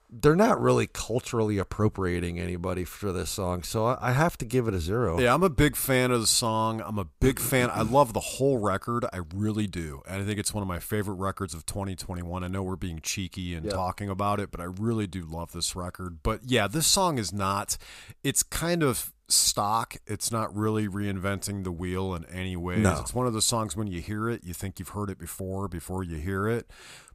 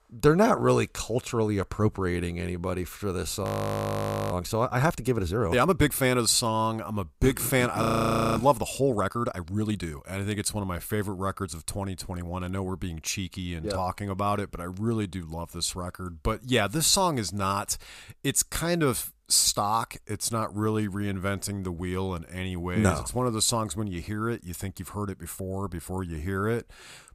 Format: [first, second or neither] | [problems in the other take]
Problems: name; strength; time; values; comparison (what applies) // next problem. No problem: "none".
first | audio freezing; at 3.5 s for 1 s and at 8 s for 0.5 s